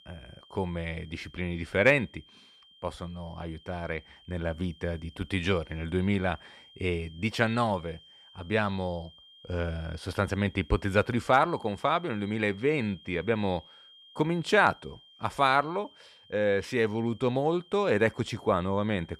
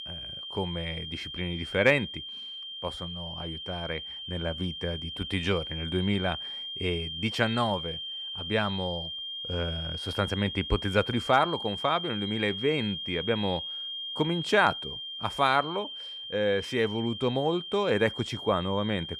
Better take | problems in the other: first | high-pitched whine; loud; throughout; 3 kHz, 6 dB below the speech; faint in the first

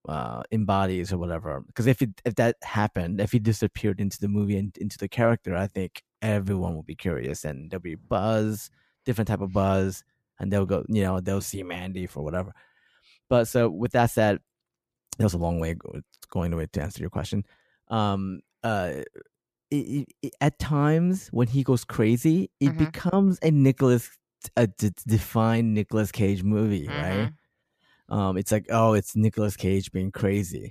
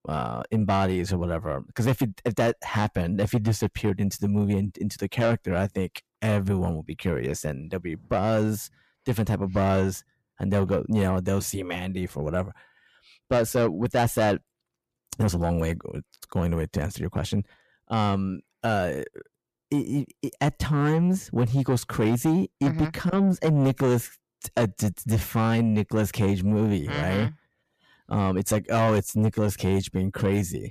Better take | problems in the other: first | distortion; slight; 10 dB below the speech

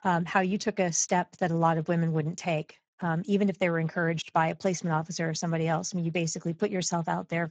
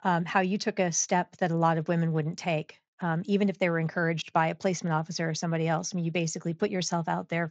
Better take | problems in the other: second | garbled, watery; badly; slightly in the second

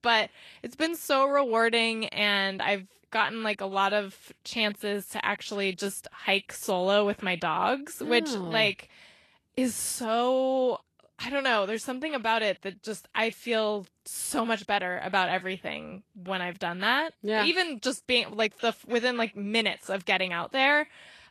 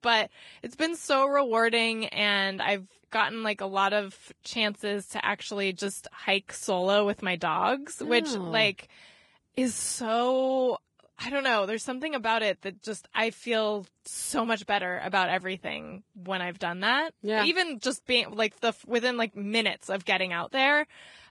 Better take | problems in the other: first | garbled, watery; badly; nothing above 10.5 kHz; slightly in the first

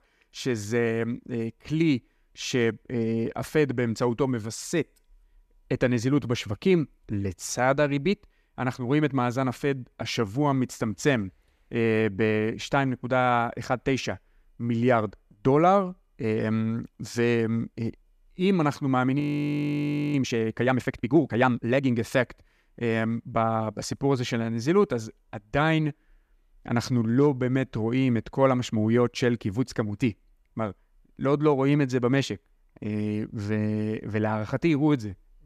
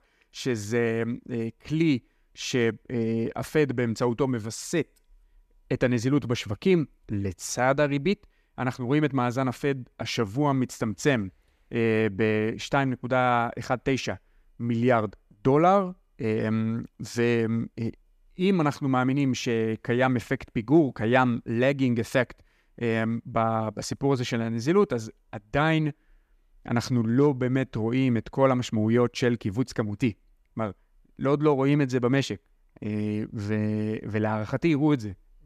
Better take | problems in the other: second | audio freezing; at 19 s for 1 s

